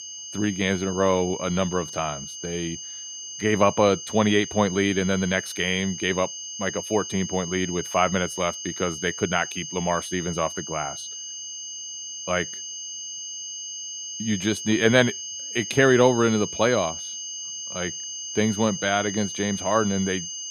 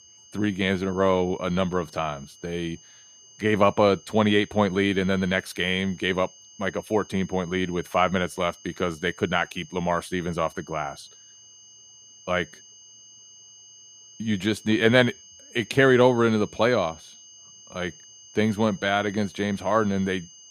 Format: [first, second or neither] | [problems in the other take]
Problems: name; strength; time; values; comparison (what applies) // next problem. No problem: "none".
second | high-pitched whine; loud; throughout; 6.5 kHz, 8 dB below the speech; faint in the second